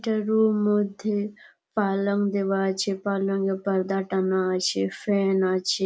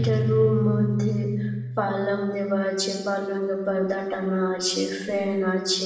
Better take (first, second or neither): first